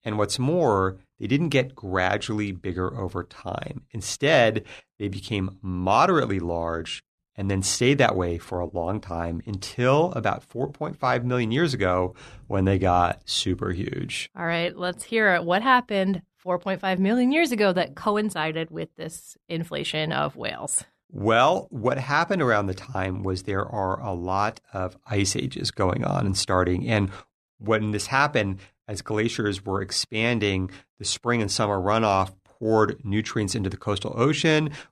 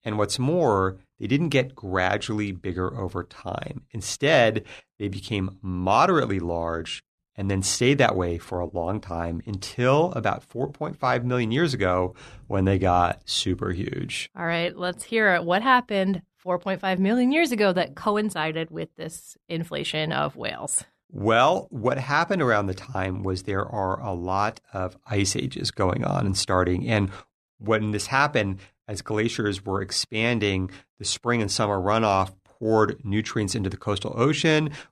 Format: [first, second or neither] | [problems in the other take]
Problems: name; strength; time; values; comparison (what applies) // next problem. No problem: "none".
neither | none